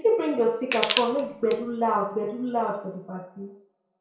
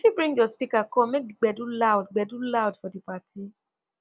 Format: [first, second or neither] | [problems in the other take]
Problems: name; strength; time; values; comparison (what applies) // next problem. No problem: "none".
second | background sound (Crushing); 6 dB below the speech // room echo; dies away in 0.6 s